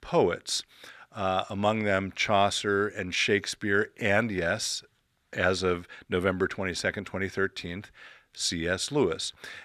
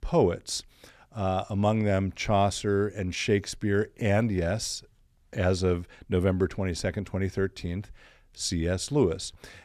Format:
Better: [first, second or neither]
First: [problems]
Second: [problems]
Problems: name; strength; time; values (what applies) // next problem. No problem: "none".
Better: second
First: thin; very slightly; fading below 250 Hz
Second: none